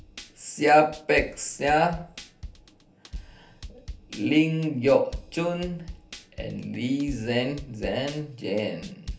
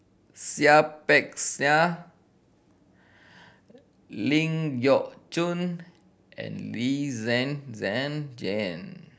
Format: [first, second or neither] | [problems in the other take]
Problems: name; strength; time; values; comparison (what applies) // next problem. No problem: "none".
second | background sound (Drum kit); 15 dB below the speech // room echo; dies away in 0.3 s